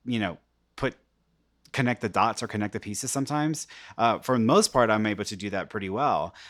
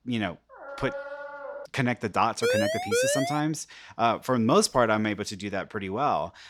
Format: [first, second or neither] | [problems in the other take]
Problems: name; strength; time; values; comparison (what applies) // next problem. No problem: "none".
first | dog barking; noticeable; from 0.5 to 1.5 s; peak 9 dB below the speech // siren; loud; at 2.5 s; peak 2 dB above the speech